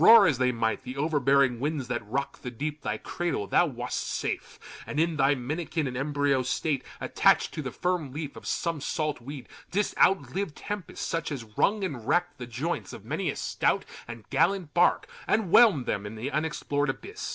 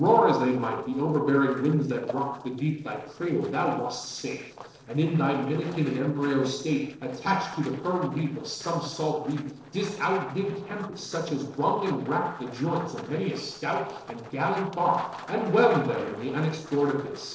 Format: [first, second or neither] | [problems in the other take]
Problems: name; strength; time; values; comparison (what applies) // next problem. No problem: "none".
first | noise reduction (neural separator model SepFormer DNS4)